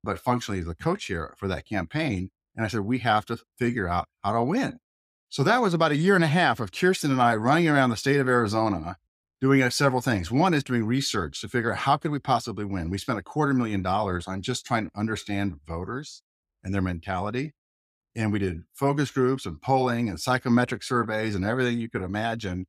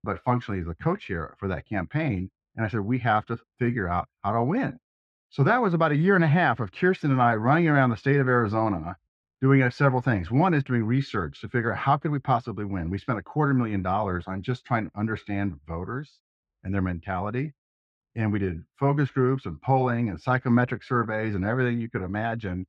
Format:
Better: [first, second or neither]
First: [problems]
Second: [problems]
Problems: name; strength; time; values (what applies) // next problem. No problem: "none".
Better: first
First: none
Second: muffled; very; fading above 2 kHz